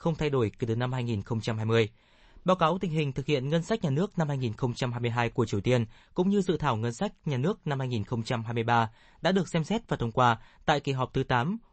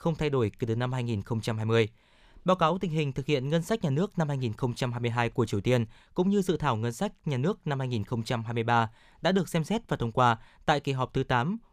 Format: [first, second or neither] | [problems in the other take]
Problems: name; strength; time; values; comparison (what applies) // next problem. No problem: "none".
second | garbled, watery; slightly; nothing above 8 kHz